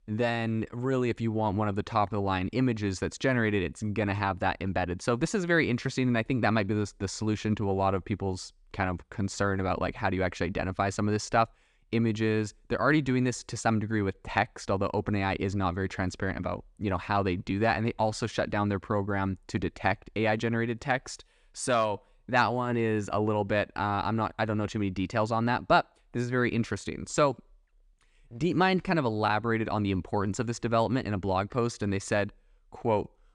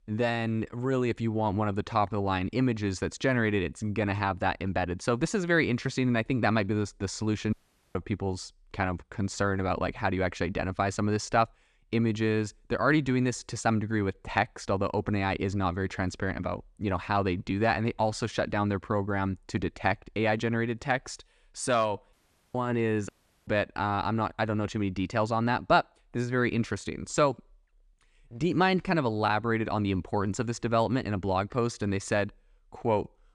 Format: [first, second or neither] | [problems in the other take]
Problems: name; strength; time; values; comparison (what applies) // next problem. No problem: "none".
first | audio cutting out; at 7.5 s, at 22 s and at 23 s